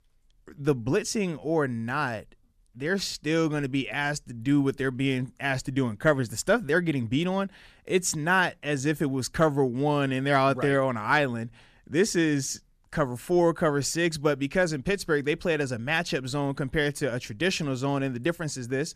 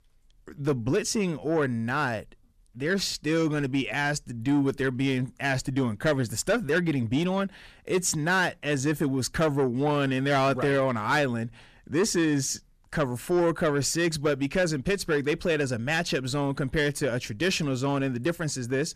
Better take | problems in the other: first | distortion; slight; 10 dB below the speech

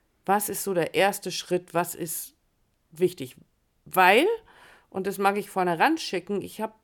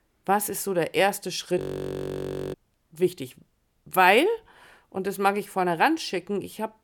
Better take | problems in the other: first | audio freezing; at 1.5 s for 1 s

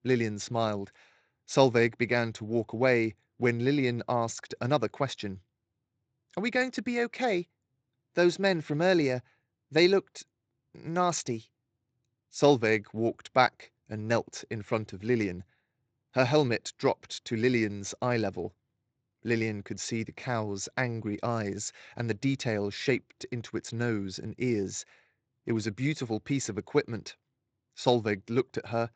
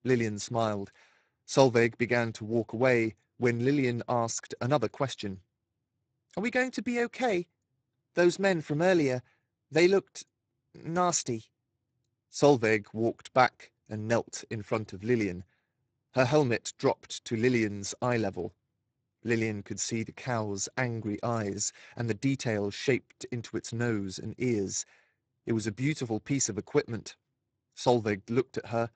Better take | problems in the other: first | garbled, watery; badly; nothing above 7.5 kHz; slightly in the first

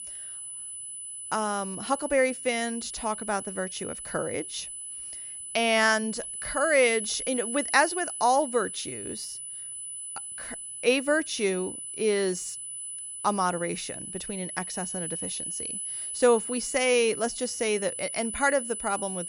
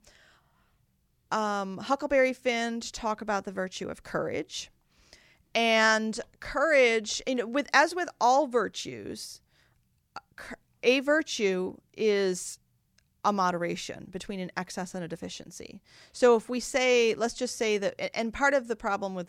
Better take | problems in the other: second | high-pitched whine; loud; throughout; 10 kHz, 7 dB below the speech

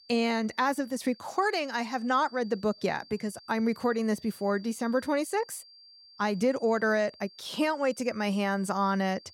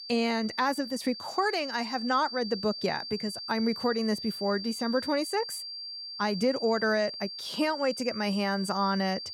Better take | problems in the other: first | high-pitched whine; loud; throughout; 4.5 kHz, 8 dB below the speech; faint in the first

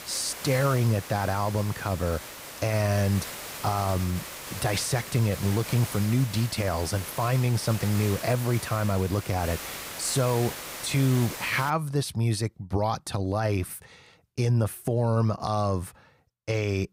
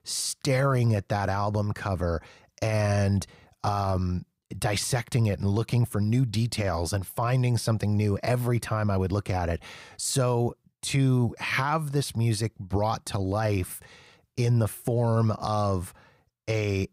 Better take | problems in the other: second | hiss; loud; until 12 s; 10 dB below the speech

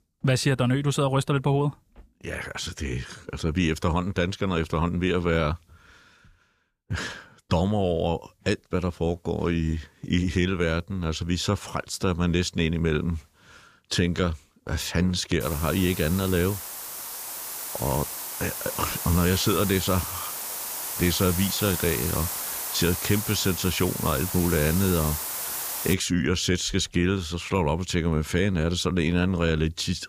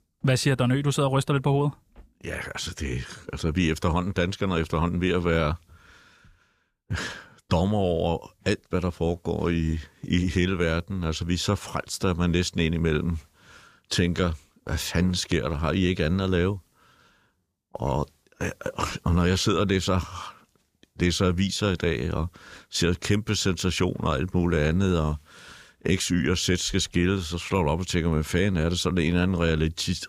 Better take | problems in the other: second | hiss; loud; from 15 to 26 s; 4 dB below the speech

